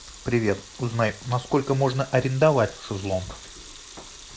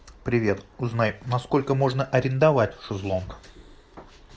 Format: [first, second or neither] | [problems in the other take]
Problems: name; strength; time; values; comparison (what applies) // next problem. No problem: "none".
second | background sound (Sink (filling or washing) / Water tap, faucet / Liquid); 19 dB below the speech